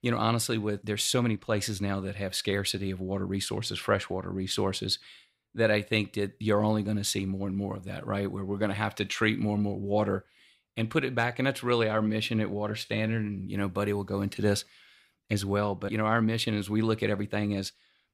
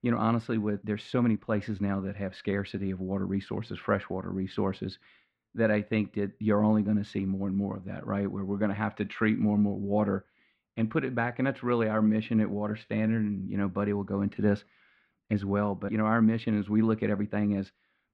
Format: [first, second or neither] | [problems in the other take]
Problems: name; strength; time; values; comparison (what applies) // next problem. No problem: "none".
first | muffled; very; fading above 1.5 kHz